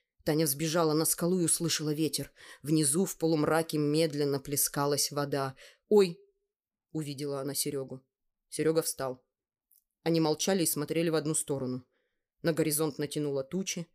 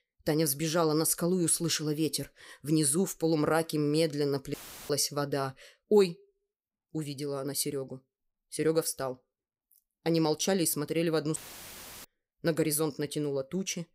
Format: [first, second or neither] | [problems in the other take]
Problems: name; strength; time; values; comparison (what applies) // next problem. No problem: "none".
first | audio cutting out; filled with static; at 4.5 s and at 11 s for 0.5 s